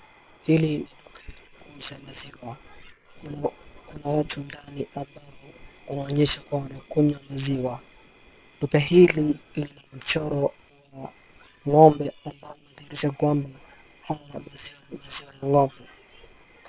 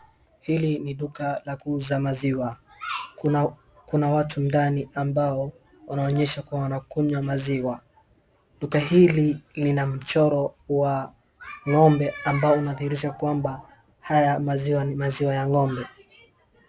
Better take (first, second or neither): second